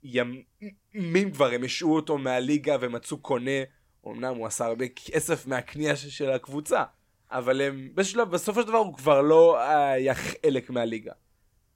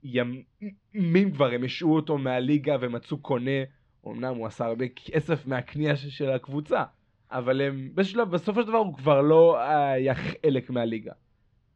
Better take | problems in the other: first | muffled; slightly; fading above 4 kHz

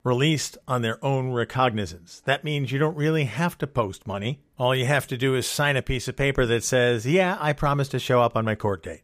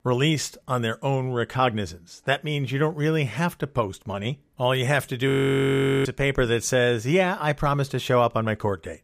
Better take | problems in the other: first | audio freezing; at 5.5 s for 1 s

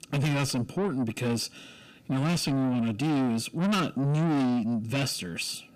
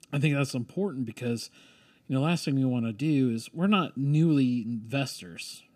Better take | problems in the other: second | distortion; heavy; 6 dB below the speech

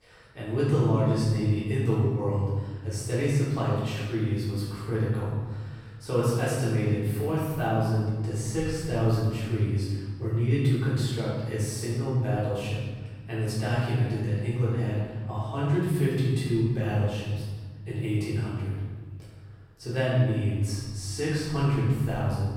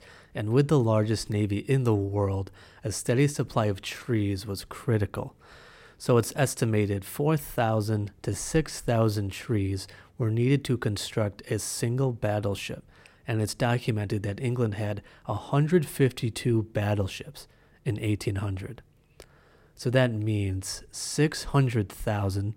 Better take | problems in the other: second | room echo; strong; dies away in 1.5 s // off-mic speech; far

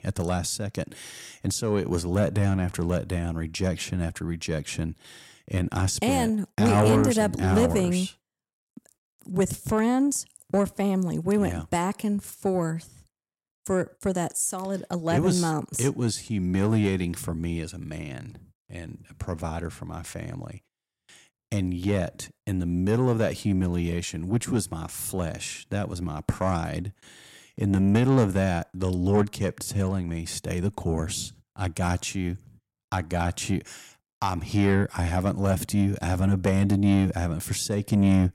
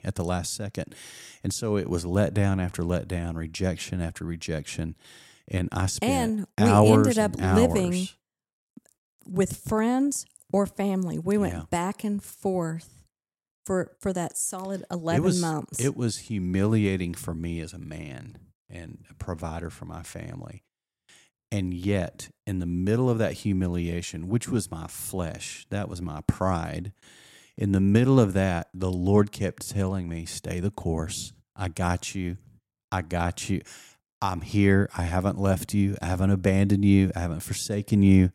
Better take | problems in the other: second | distortion; slight; 10 dB below the speech

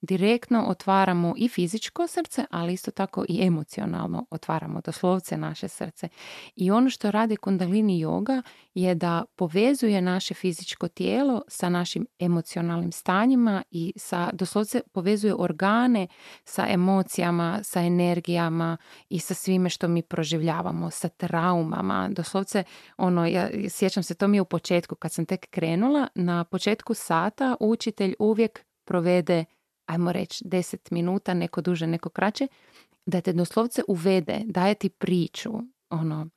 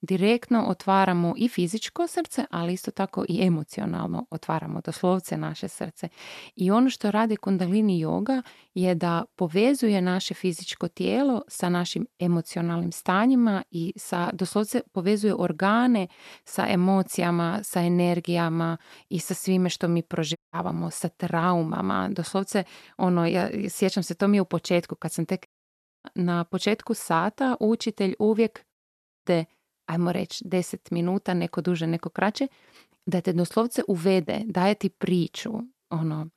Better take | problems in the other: first | audio cutting out; at 20 s, at 25 s for 0.5 s and at 29 s for 0.5 s

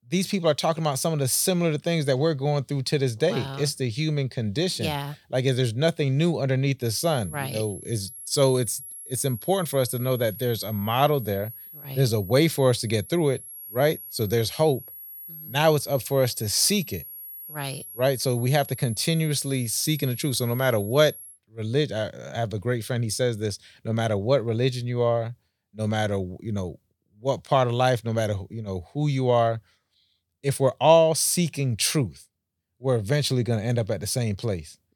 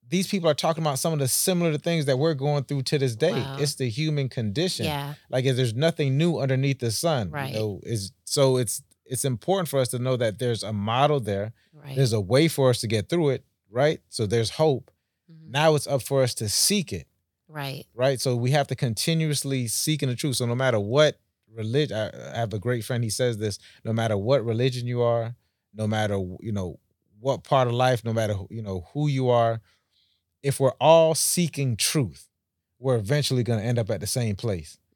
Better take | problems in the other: second | high-pitched whine; noticeable; from 7 to 21 s; 11.5 kHz, 15 dB below the speech

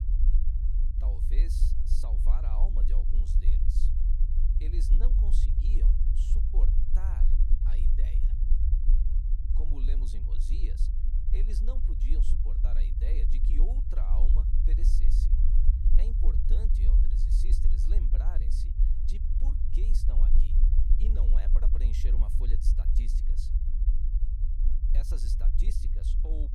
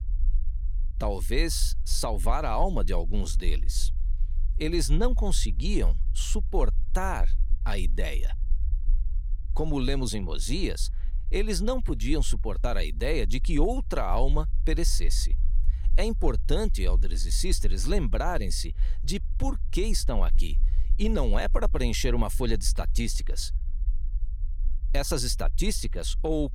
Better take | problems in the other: second | low rumble; loud; throughout; as loud as the speech; faint in the second

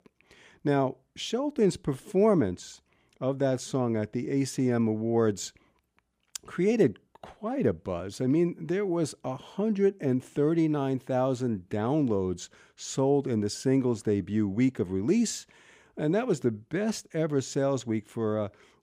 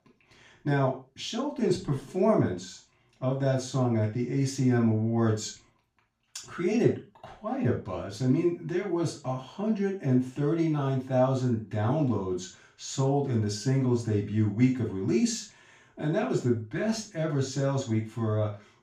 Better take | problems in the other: first | room echo; slight; dies away in 0.3 s // off-mic speech; far

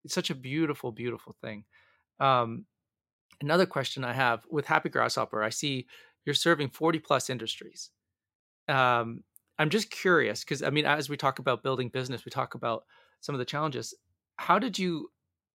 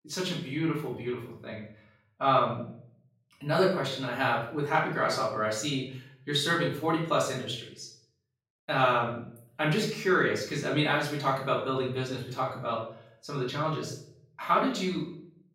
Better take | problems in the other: first | off-mic speech; far // room echo; noticeable; dies away in 0.5 s

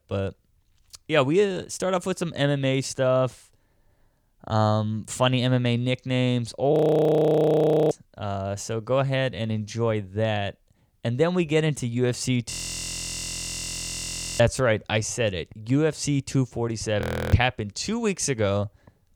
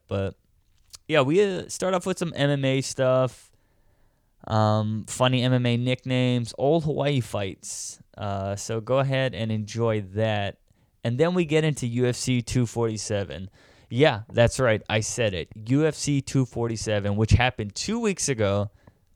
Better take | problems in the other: second | audio freezing; at 6.5 s for 1 s, at 13 s for 2 s and at 17 s

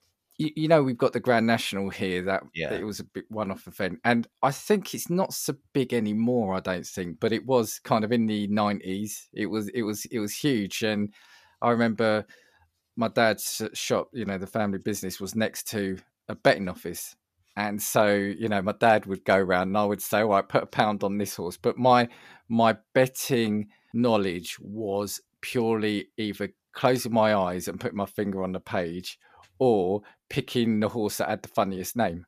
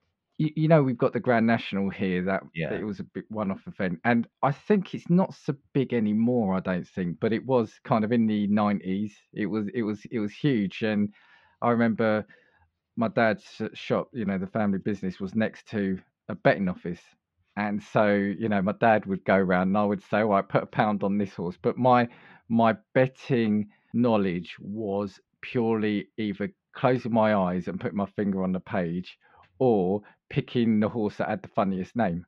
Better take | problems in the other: first | muffled; slightly; fading above 3 kHz

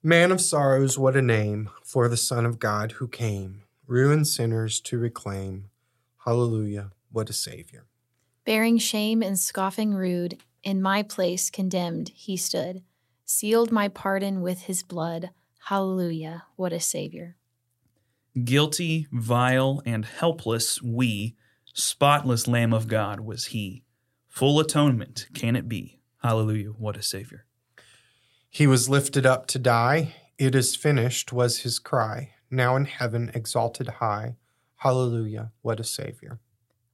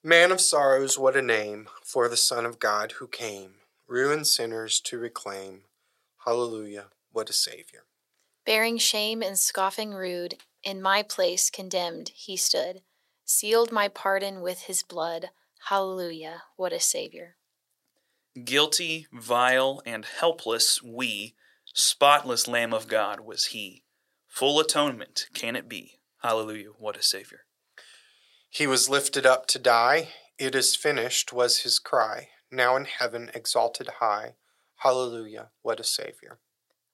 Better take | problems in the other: first | thin; very; fading below 500 Hz

